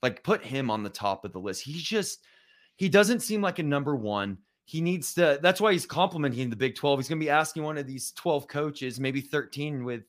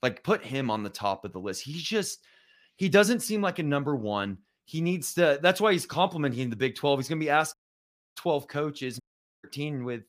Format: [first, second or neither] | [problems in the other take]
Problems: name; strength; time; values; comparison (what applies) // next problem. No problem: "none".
first | audio cutting out; at 7.5 s for 0.5 s and at 9 s